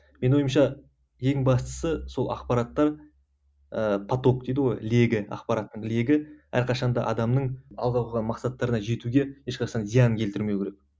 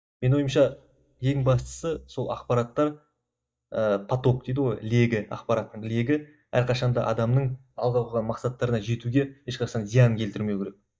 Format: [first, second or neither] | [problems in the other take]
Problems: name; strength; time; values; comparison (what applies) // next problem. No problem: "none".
first | noise reduction (neural mask model DeepFilterNet 3)